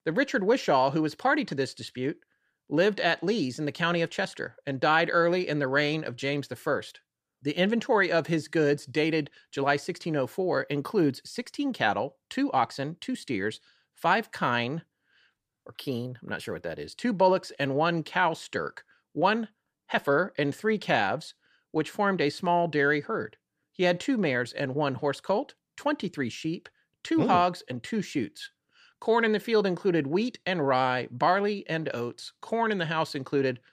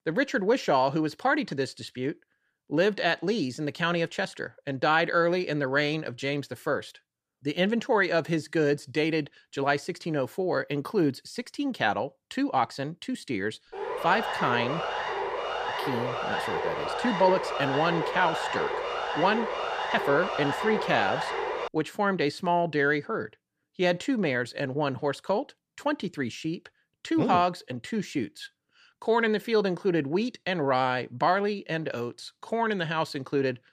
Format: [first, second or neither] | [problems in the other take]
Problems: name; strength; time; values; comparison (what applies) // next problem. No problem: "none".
first | siren; noticeable; from 14 to 22 s; peak 2 dB below the speech